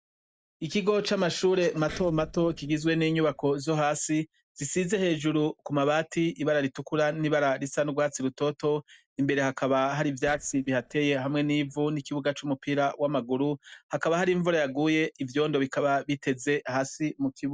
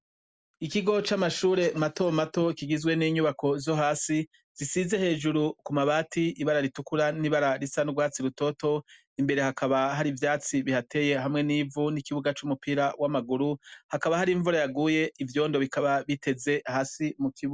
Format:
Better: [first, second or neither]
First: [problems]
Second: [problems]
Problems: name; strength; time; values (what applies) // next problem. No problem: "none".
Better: second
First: noise reduction (neural mask model DeepFilterNet 3)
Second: none